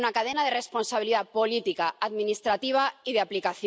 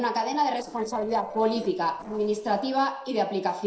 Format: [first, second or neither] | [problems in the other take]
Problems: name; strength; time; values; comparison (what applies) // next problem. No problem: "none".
first | noise reduction (neural separator model SepFormer DNS4)